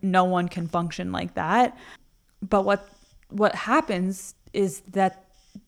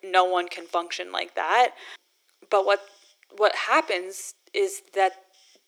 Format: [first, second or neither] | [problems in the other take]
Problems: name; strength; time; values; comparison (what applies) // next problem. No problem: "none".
first | thin; very; fading below 350 Hz